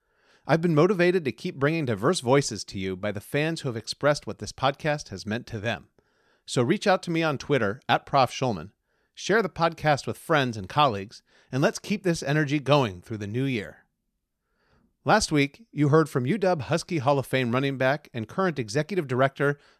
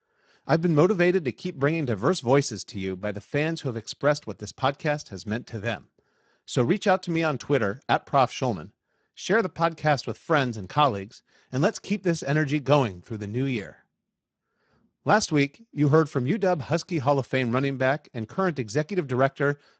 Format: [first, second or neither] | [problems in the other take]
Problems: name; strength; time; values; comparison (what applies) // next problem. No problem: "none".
first | garbled, watery; badly; nothing above 7.5 kHz